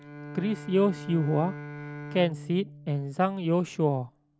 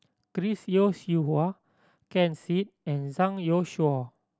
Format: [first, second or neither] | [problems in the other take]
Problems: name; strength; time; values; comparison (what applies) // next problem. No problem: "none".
second | background sound (Bowed string instrument); 14 dB below the speech